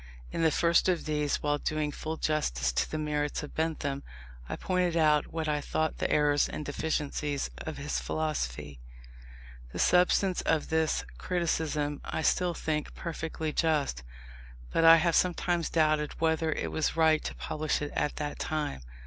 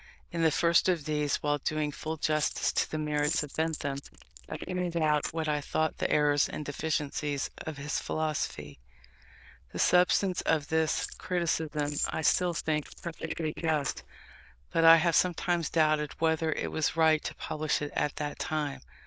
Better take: first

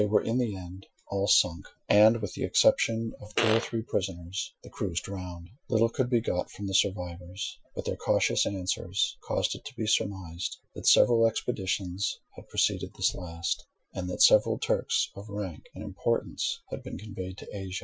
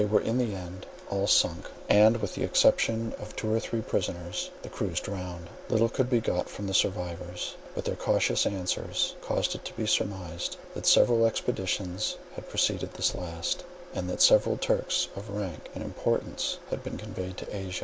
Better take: second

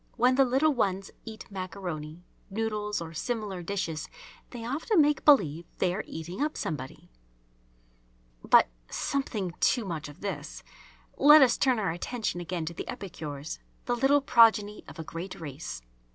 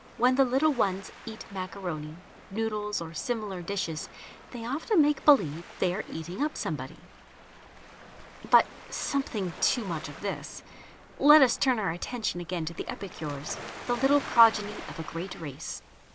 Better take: first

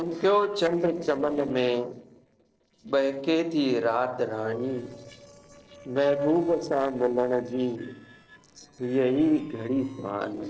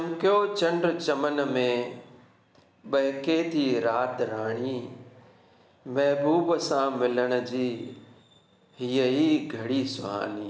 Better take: second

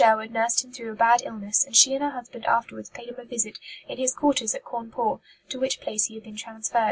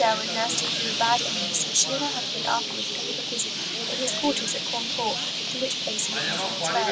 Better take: first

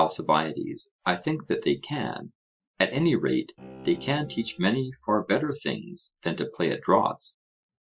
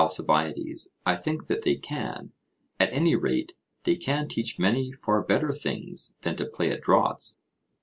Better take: second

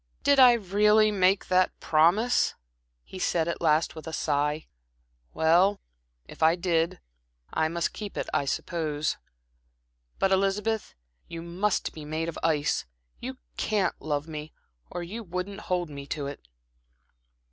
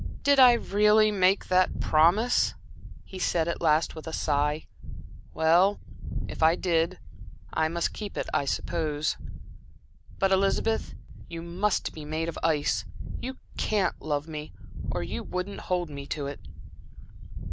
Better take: first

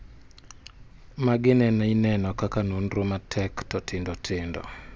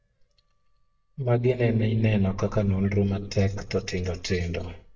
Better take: first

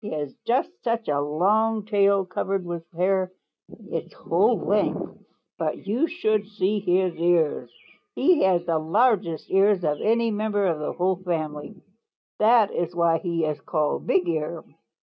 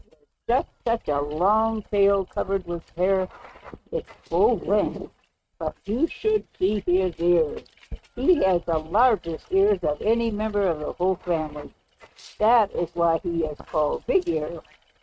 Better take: first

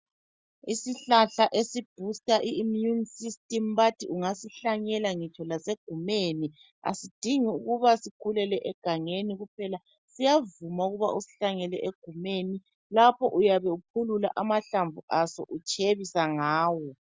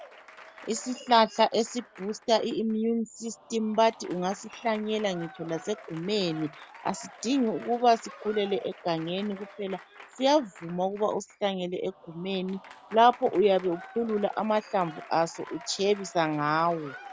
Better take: first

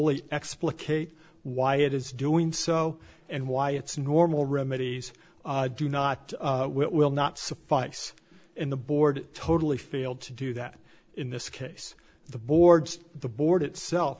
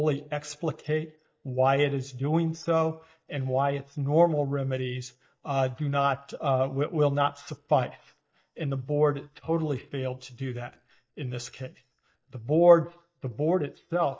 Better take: first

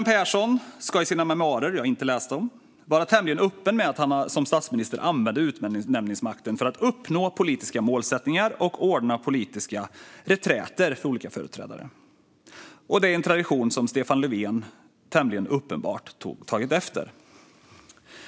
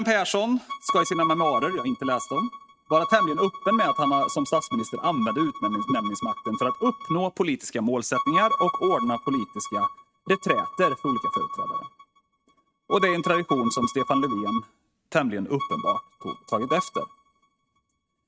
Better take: first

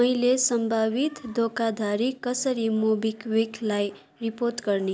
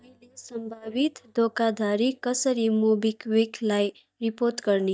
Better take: first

